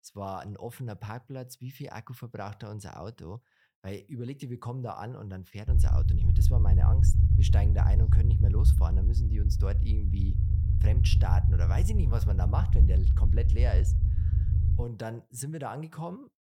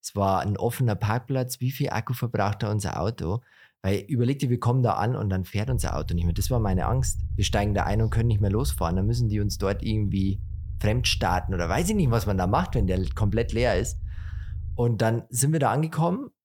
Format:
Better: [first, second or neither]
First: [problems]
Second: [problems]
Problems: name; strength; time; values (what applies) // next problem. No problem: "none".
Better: second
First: low rumble; loud; from 5.5 to 15 s; 1 dB below the speech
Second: low rumble; faint; from 5.5 to 15 s; 25 dB below the speech